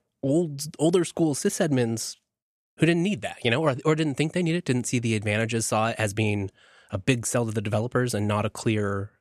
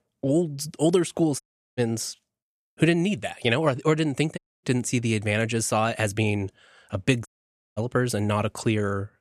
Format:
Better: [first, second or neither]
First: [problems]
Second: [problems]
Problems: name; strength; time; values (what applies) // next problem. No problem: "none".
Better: first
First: none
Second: audio cutting out; at 1.5 s, at 4.5 s and at 7.5 s for 0.5 s